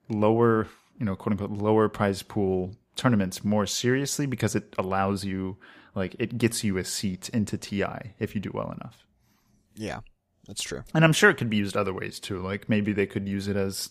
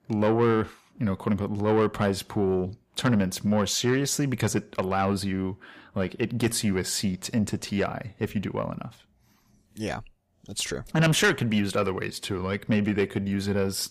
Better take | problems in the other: first | distortion; slight; 10 dB below the speech

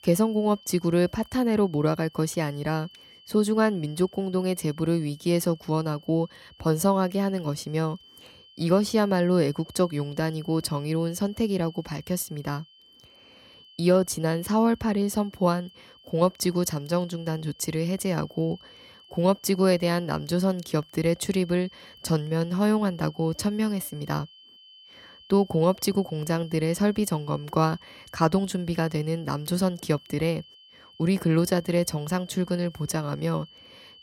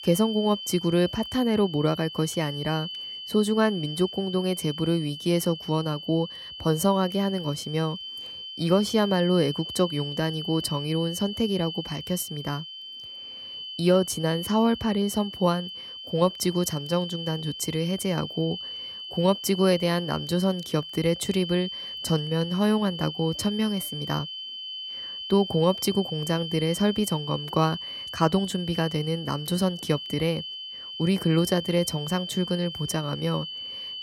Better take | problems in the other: first | high-pitched whine; loud; throughout; 3 kHz, 9 dB below the speech; faint in the first

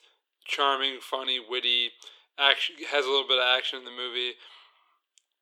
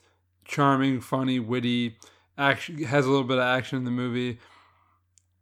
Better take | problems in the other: second | thin; very; fading below 400 Hz

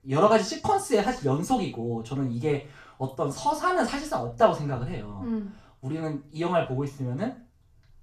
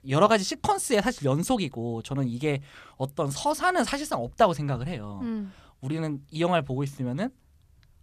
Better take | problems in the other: second | room echo; slight; dies away in 0.3 s // off-mic speech; far

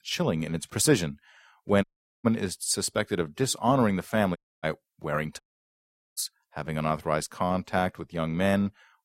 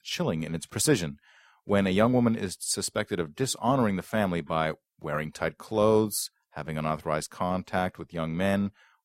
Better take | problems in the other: second | audio cutting out; at 2 s, at 4.5 s and at 5.5 s for 1 s

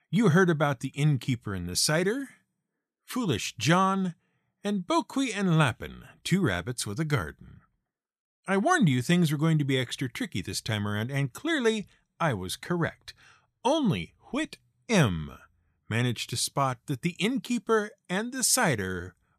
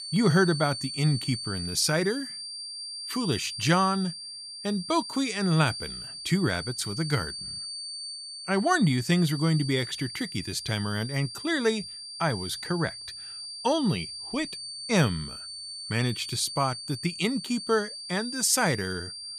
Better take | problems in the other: first | high-pitched whine; loud; throughout; 4.5 kHz, 8 dB below the speech

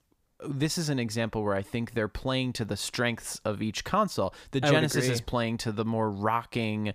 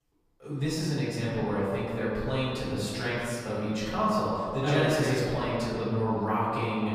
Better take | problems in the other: first | off-mic speech; far // room echo; strong; dies away in 2.4 s

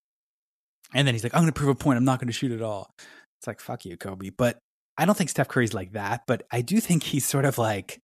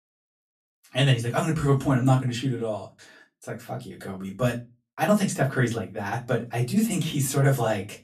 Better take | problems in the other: first | off-mic speech; far // room echo; very slight; dies away in 0.2 s

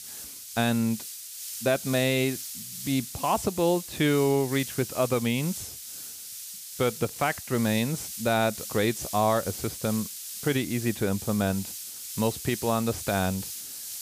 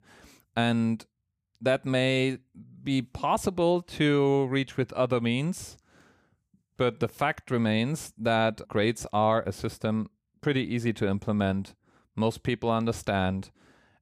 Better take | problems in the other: second | hiss; loud; throughout; 8 dB below the speech

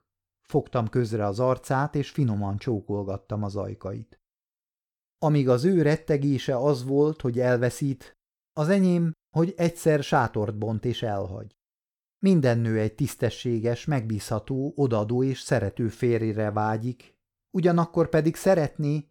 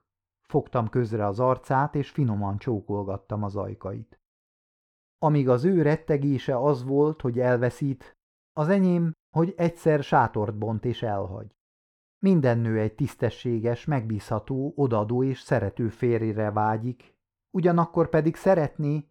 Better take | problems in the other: first | muffled; slightly; fading above 3.5 kHz

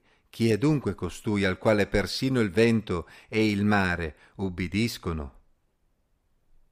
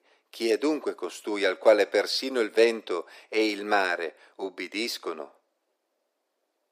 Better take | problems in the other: first | thin; very; fading below 300 Hz

